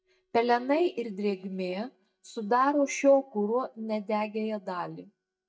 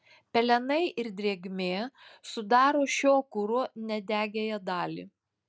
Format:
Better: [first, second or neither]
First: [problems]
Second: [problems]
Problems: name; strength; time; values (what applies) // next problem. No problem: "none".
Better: second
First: noise reduction (neural mask model DeepFilterNet 3)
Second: none